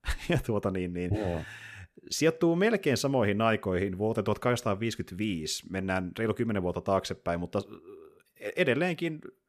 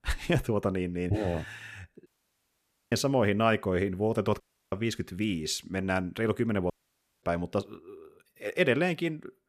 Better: first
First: none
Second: audio cutting out; at 2 s for 1 s, at 4.5 s and at 6.5 s for 0.5 s

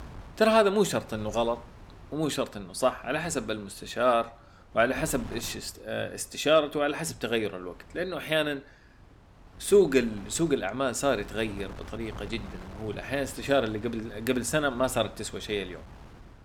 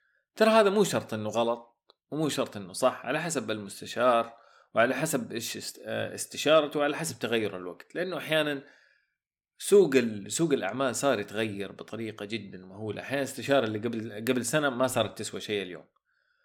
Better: second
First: wind noise on the microphone; occasional gusts; 25 dB below the speech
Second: none

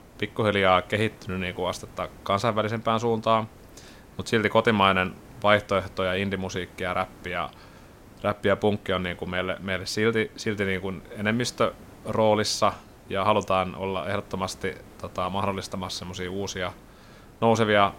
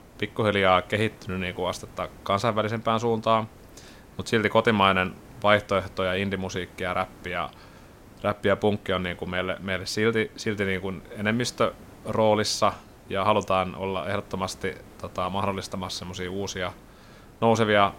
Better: neither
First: hiss; faint; throughout; 25 dB below the speech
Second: hiss; faint; throughout; 25 dB below the speech

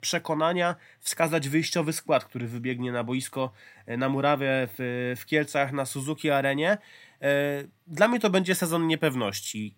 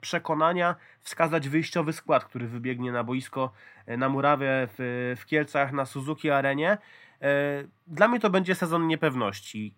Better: first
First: none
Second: muffled; slightly; fading above 4 kHz

